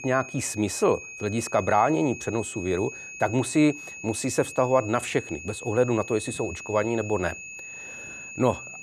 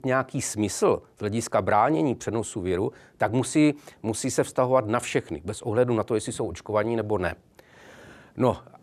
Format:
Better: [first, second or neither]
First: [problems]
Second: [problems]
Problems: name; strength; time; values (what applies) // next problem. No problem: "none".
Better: second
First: high-pitched whine; noticeable; throughout; 2.5 kHz, 10 dB below the speech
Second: none